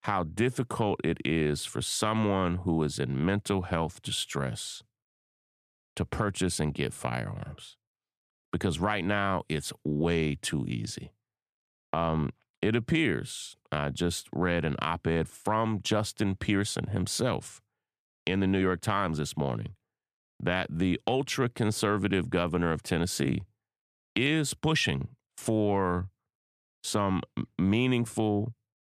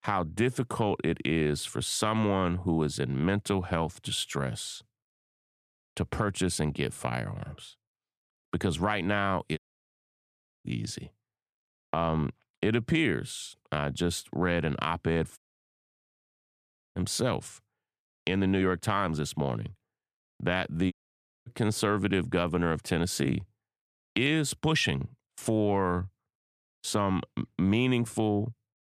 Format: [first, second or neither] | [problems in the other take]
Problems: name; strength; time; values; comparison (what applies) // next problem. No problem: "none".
first | audio cutting out; at 9.5 s for 1 s, at 15 s for 1.5 s and at 21 s for 0.5 s